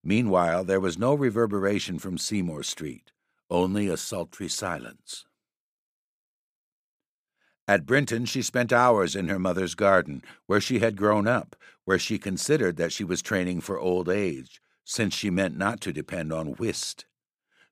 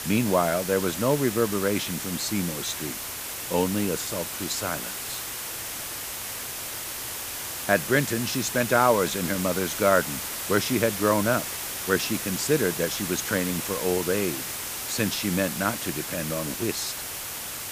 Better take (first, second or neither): first